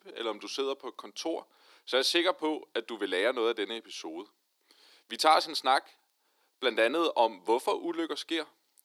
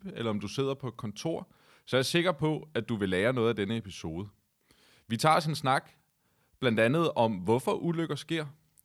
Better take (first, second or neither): second